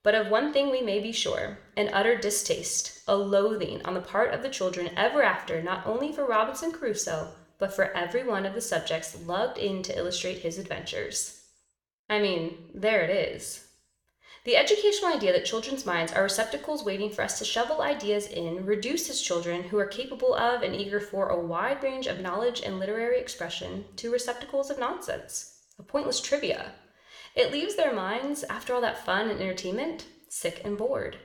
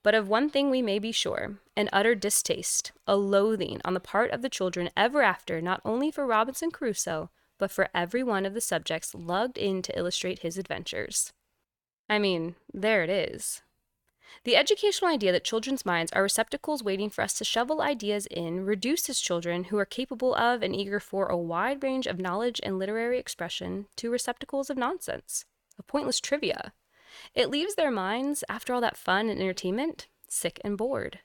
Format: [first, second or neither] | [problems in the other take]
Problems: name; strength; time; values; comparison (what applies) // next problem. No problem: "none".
second | room echo; slight; dies away in 0.6 s